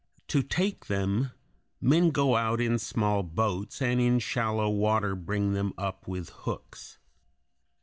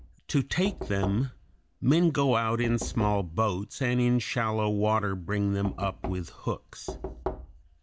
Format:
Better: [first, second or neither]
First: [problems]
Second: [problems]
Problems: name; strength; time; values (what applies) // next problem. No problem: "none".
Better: first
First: none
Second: background sound (Knock); 12 dB below the speech